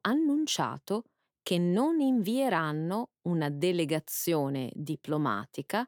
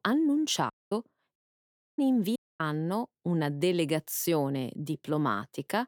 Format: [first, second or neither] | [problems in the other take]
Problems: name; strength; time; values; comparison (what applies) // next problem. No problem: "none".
first | audio cutting out; at 0.5 s, at 1.5 s for 0.5 s and at 2.5 s